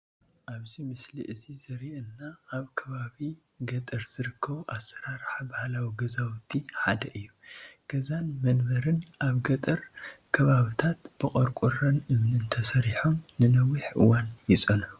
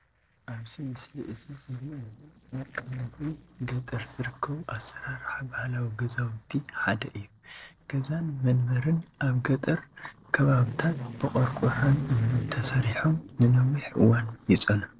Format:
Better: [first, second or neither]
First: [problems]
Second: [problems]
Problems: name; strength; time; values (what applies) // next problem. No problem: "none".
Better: first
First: none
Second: noise reduction (neural separator model SepFormer DNS4)